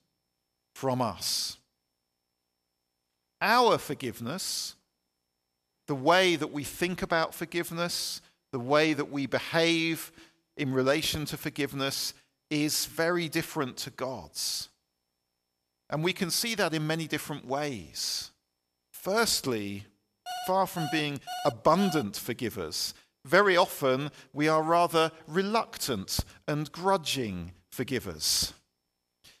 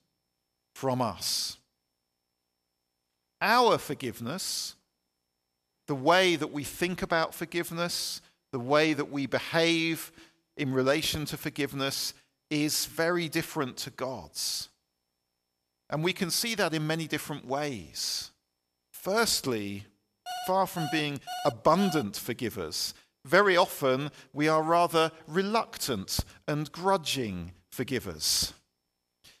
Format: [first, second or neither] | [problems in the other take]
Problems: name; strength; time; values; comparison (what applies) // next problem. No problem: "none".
neither | alarm; noticeable; from 20 to 22 s; peak 10 dB below the speech; the same in both